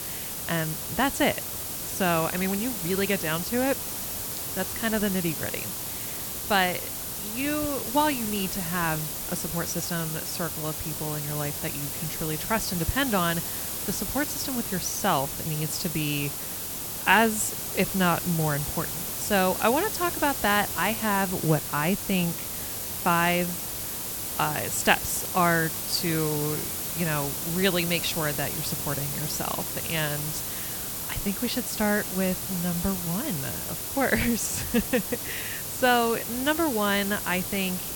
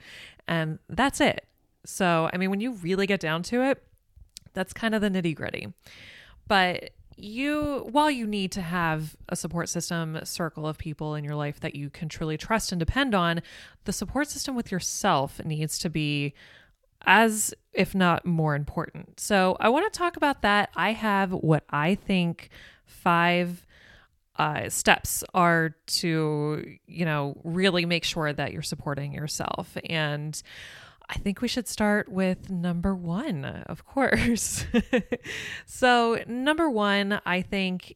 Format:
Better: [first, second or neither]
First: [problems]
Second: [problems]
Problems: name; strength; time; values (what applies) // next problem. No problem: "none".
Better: second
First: hiss; loud; throughout; 3 dB below the speech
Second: none